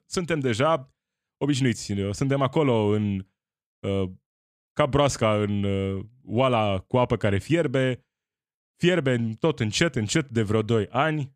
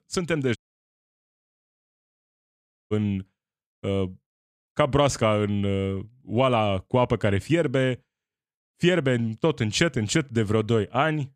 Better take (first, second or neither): first